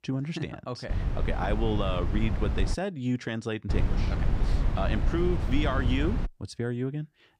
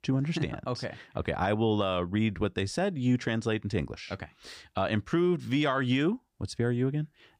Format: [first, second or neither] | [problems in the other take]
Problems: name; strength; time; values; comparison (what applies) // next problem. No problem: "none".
second | low rumble; loud; from 1 to 2.5 s and from 3.5 to 6.5 s; 7 dB below the speech